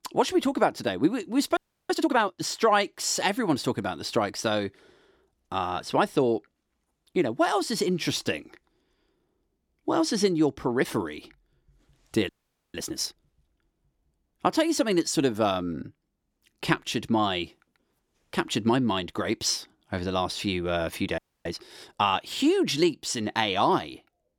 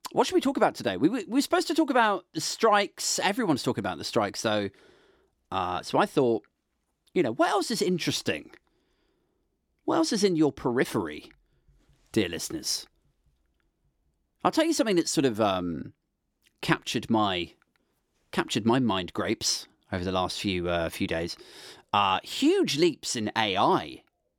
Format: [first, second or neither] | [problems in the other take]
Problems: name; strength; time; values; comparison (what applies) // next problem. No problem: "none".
second | audio freezing; at 1.5 s, at 12 s and at 21 s